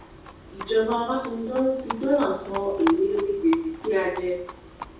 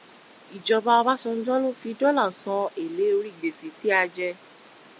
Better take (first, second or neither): second